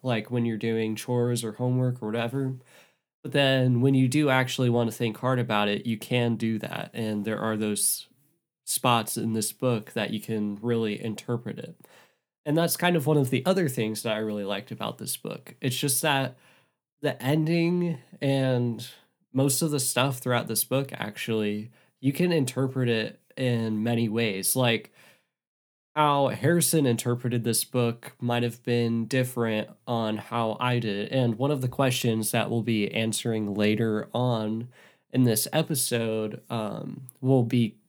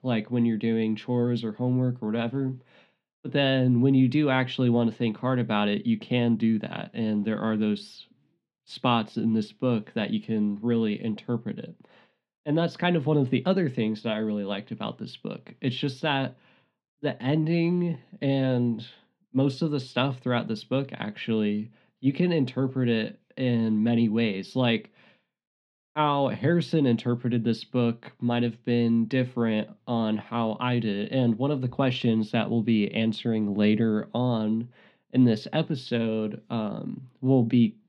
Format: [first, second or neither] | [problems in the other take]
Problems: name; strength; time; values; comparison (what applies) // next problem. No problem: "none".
first | muffled; slightly; fading above 4 kHz